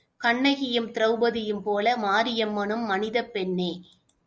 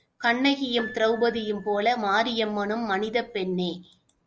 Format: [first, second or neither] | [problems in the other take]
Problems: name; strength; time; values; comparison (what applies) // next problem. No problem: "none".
first | background sound (Piano); 19 dB below the speech